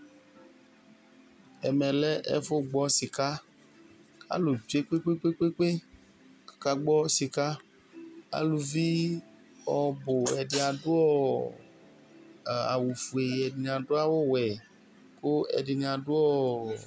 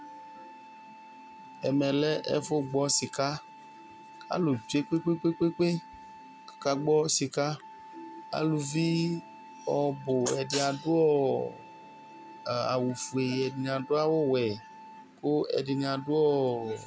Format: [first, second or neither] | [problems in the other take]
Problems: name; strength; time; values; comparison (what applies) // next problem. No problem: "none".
first | background sound (Wind instrument, woodwind instrument); 19 dB below the speech